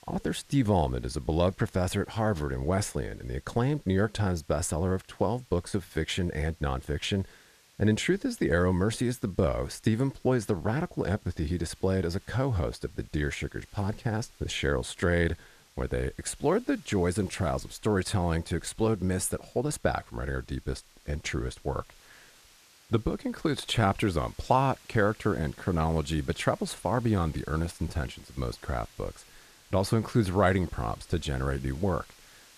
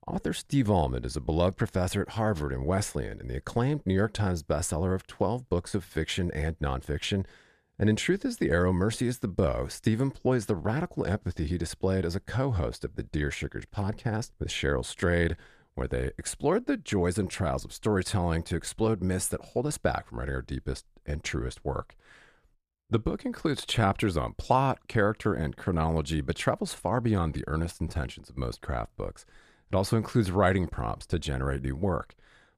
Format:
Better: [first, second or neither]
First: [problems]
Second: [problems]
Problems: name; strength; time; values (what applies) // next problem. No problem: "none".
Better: second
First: hiss; faint; throughout; 25 dB below the speech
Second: none